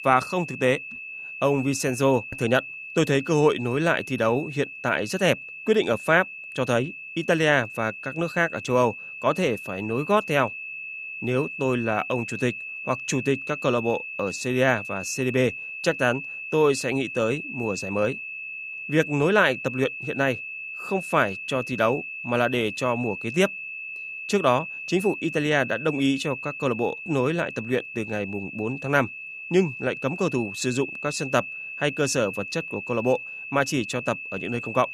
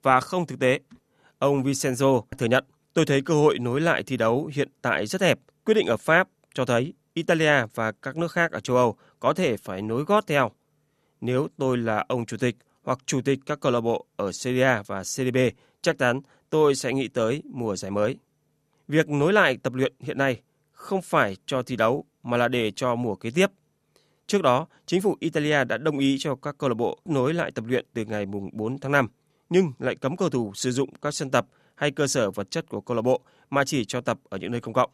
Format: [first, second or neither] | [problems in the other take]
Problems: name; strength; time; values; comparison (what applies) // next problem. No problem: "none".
second | high-pitched whine; loud; throughout; 2.5 kHz, 9 dB below the speech